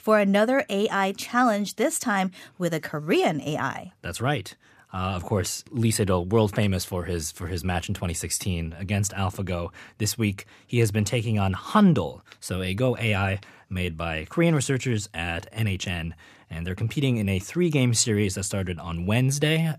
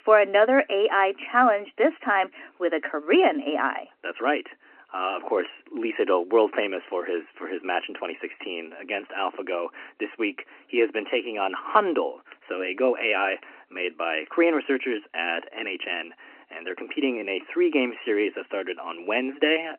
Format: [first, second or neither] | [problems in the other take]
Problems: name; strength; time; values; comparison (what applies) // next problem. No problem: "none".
first | phone-call audio; nothing above 3 kHz